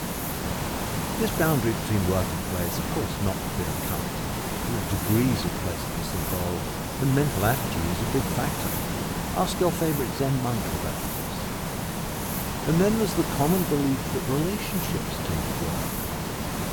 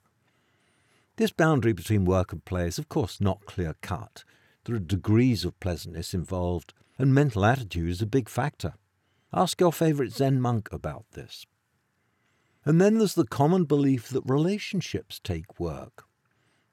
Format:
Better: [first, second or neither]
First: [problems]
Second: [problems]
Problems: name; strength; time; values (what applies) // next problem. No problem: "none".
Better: second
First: hiss; loud; throughout; 1 dB below the speech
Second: none